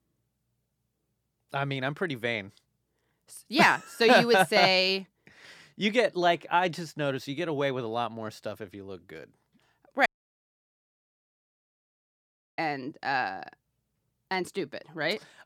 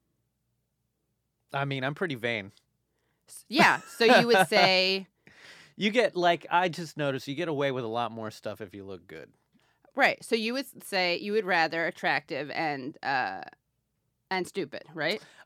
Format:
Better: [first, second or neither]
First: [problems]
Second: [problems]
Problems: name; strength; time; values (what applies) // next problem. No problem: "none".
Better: second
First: audio cutting out; at 10 s for 2.5 s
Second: none